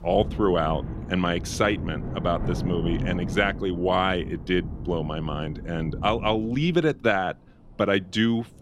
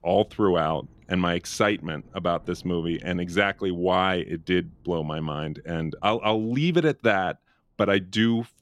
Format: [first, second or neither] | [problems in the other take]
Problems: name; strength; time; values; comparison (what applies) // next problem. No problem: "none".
second | rain or running water; loud; throughout; 8 dB below the speech; faint in the second